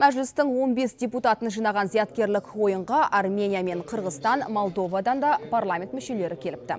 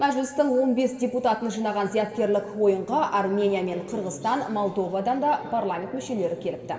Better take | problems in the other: first | room echo; dies away in 1.7 s

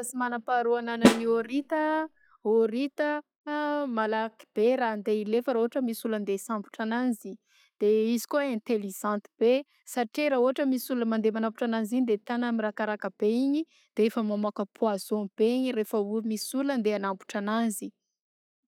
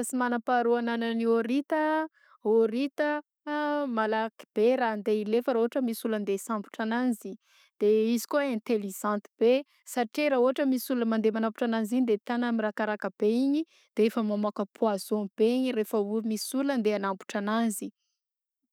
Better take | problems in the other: second | noise reduction (classical method log-MMSE)

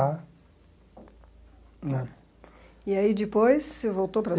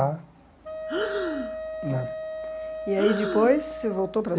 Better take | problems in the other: first | background sound (Breathing + Wind instrument, woodwind instrument); 4 dB below the speech

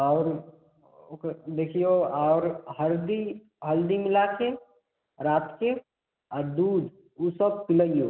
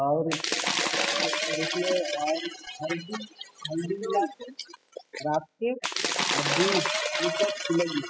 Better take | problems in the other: first | noise reduction (classical method spectral subtraction)

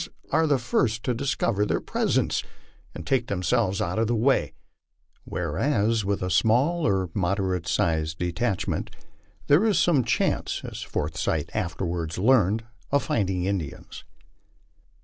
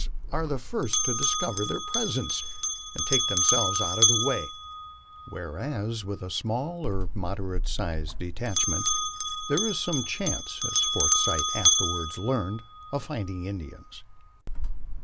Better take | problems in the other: first | background sound (Bell); 4 dB above the speech

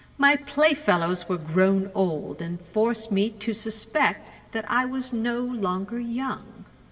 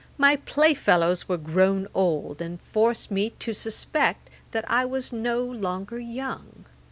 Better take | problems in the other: second | room echo; dies away in 2.7 s

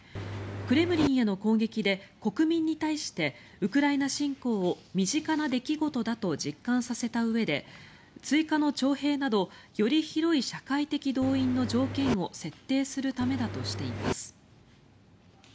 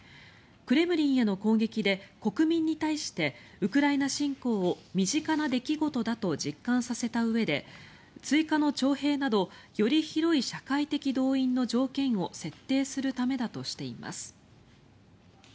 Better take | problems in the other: second | background sound (Engine); 6 dB below the speech

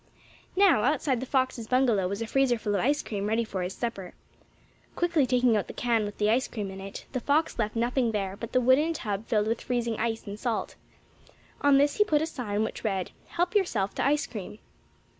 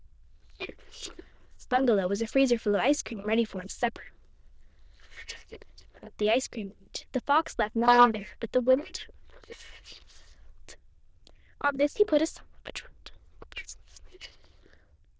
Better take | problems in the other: first | noise reduction (neural diffusion model UNIVERSE++)

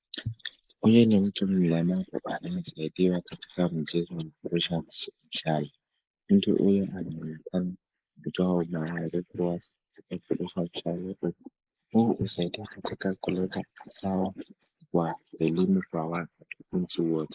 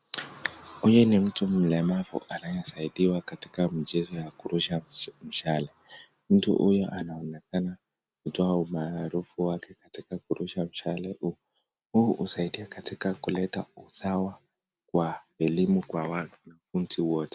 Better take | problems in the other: second | noise reduction (neural mask model Resemble Enhance denoiser)

